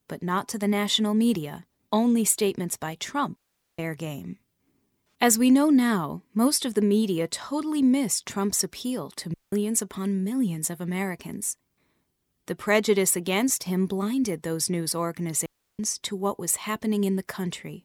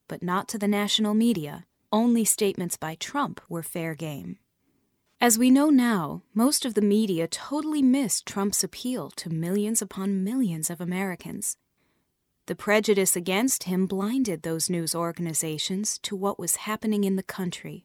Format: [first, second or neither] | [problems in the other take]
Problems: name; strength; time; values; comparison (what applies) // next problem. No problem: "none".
second | audio cutting out; at 3.5 s, at 9.5 s and at 15 s